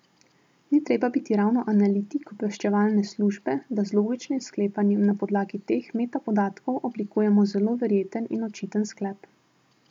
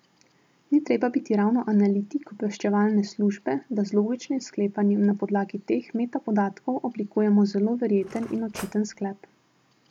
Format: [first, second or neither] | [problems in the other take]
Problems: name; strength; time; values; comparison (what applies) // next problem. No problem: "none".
first | background sound (Cutlery, silverware / Drawer open or close); 18 dB below the speech